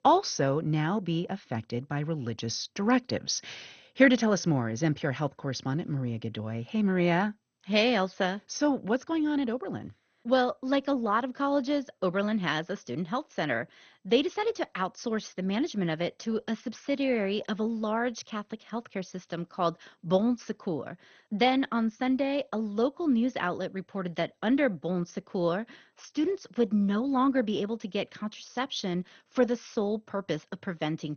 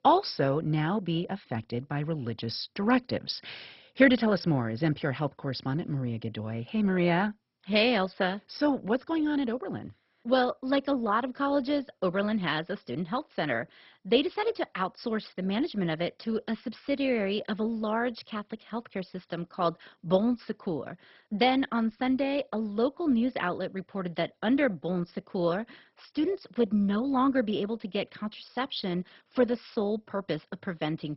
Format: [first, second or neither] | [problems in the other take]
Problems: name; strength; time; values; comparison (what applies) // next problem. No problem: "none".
first | garbled, watery; badly; nothing above 5.5 kHz; slightly in the first